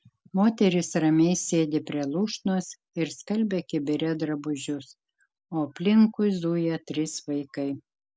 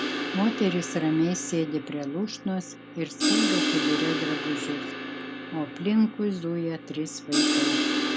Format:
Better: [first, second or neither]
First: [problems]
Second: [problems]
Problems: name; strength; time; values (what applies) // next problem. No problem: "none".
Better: first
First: none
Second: background sound (Crash cymbal); as loud as the speech